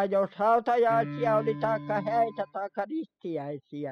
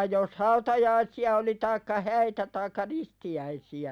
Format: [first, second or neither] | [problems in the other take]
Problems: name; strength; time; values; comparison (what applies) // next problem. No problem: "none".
second | noise reduction (classical method spectral subtraction)